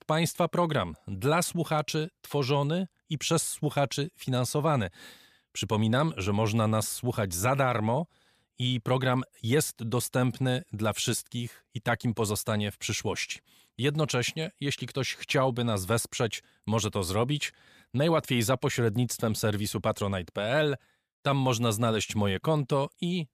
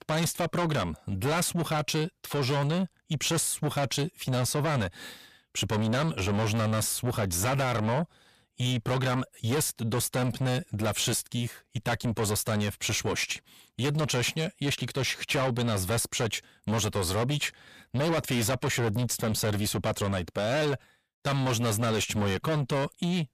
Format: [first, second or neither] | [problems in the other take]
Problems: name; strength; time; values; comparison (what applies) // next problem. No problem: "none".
first | distortion; heavy; 7 dB below the speech